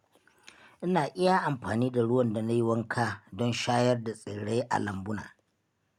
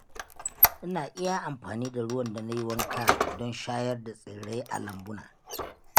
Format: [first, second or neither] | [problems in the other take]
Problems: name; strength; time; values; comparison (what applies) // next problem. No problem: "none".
first | background sound (Squeak); 3 dB above the speech